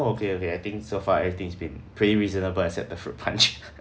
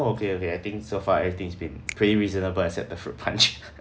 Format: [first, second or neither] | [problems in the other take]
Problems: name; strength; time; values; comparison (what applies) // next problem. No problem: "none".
first | background sound (Finger snapping); 17 dB below the speech